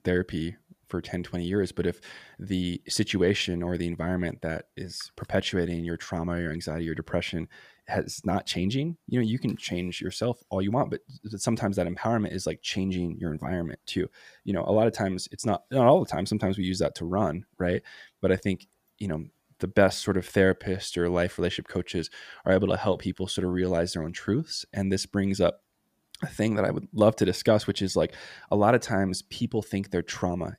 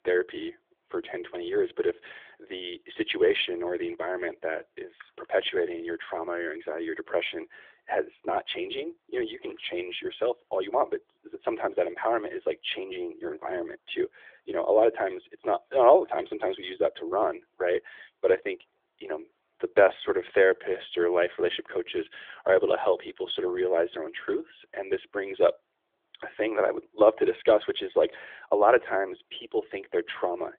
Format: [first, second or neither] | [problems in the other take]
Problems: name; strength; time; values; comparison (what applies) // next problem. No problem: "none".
first | phone-call audio; nothing above 3.5 kHz